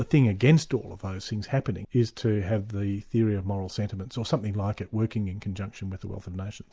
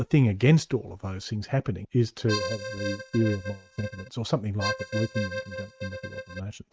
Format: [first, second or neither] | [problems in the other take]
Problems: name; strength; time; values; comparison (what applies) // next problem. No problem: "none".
first | noise reduction (neural mask model RNNoise)